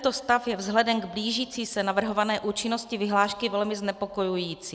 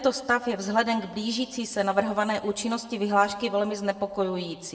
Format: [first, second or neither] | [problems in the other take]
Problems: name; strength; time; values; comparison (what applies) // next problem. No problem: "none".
first | room echo; dies away in 0.9 s